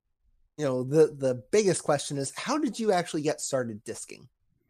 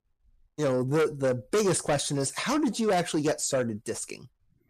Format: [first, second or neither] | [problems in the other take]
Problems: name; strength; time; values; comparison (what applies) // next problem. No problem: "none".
first | distortion; heavy; 7 dB below the speech